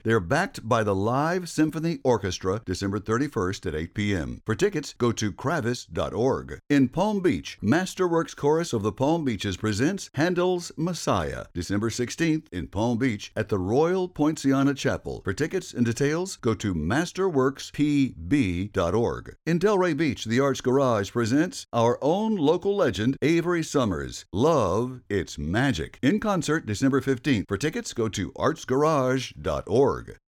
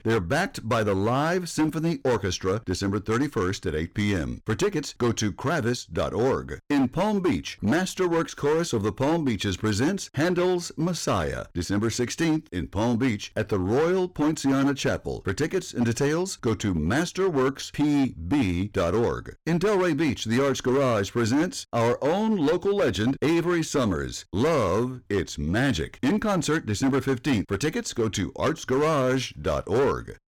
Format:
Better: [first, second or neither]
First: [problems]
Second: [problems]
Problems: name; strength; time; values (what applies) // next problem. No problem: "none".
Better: first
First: none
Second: distortion; slight; 12% of the sound clipped